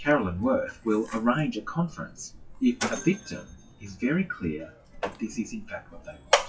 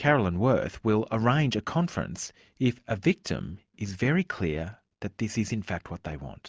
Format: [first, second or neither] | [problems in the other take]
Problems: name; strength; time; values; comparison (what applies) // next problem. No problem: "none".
second | noise reduction (classical method WPE with log-MMSE)